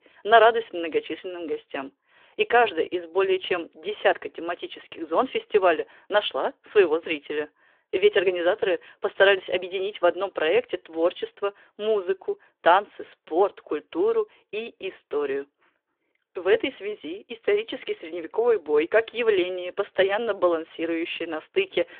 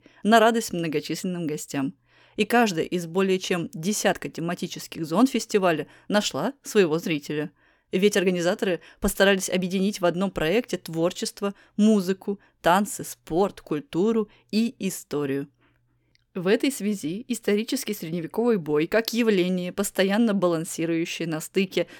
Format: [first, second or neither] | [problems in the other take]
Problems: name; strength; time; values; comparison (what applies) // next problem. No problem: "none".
second | phone-call audio